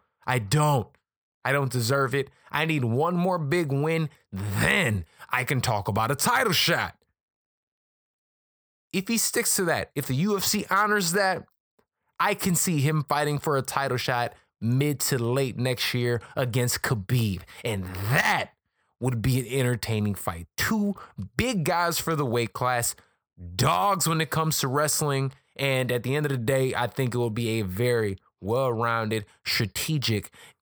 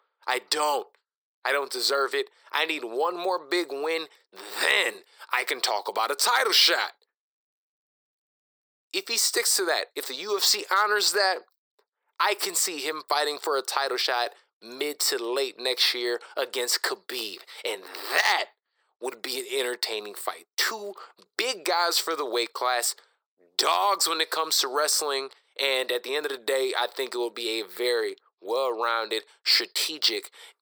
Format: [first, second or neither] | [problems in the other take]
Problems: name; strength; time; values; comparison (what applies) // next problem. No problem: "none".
first | thin; very; fading below 350 Hz